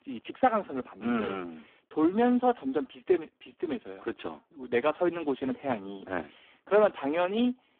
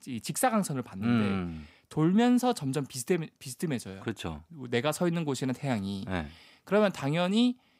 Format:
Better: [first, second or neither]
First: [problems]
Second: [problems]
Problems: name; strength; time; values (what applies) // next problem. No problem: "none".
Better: second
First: phone-call audio; poor line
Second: none